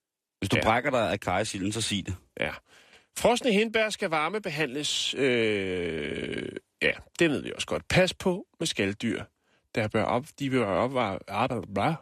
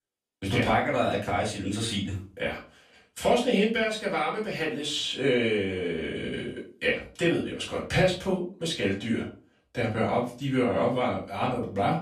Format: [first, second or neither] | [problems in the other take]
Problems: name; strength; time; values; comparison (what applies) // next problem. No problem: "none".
first | off-mic speech; far // room echo; slight; dies away in 0.3 s